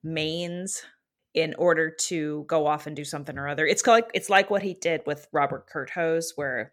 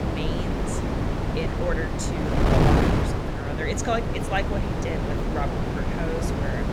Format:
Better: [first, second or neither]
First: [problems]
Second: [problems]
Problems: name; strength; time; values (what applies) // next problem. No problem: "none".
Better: first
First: none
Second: wind noise on the microphone; heavy; 2 dB above the speech